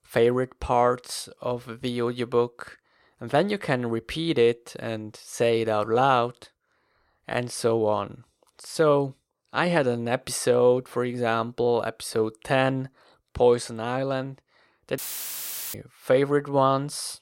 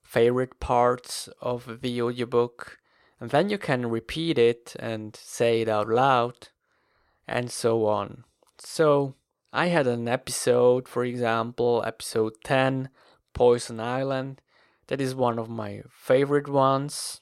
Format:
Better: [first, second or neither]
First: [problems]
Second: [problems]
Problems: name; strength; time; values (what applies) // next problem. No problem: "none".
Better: second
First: audio cutting out; filled with static; at 15 s for 1 s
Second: none